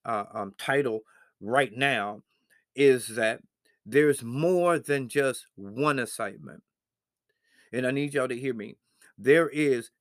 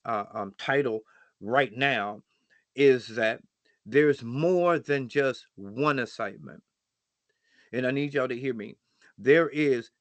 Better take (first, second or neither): first